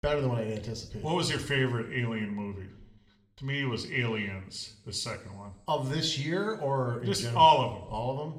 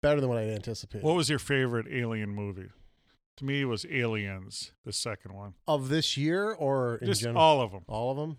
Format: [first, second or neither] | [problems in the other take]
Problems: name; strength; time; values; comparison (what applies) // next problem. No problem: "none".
second | room echo; slight; dies away in 0.6 s